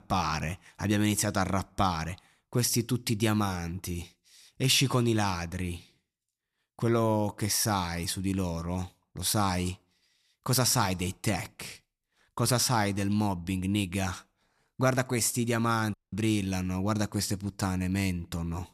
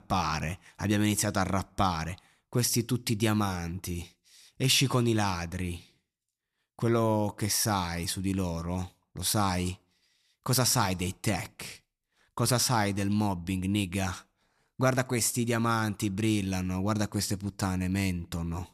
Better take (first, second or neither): second